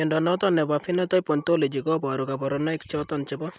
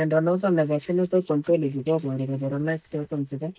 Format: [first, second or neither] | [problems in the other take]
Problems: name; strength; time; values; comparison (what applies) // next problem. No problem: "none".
first | noise reduction (neural mask model DeepFilterNet 3)